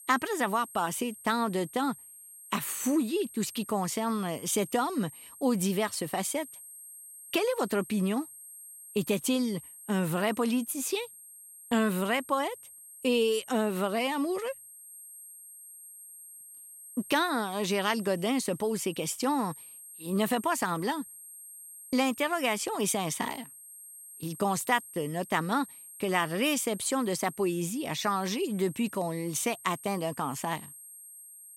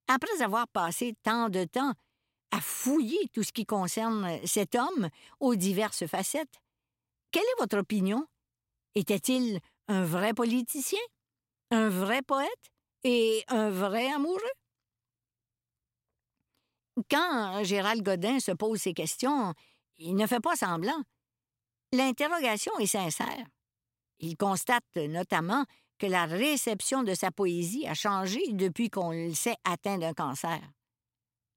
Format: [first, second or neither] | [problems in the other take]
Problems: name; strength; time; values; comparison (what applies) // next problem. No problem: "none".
second | high-pitched whine; noticeable; throughout; 8.5 kHz, 15 dB below the speech